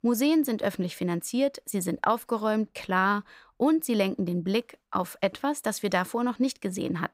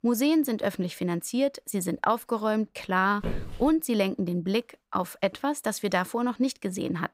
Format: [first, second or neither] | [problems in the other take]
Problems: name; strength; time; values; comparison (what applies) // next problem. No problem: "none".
first | footsteps; noticeable; at 3 s; peak 8 dB below the speech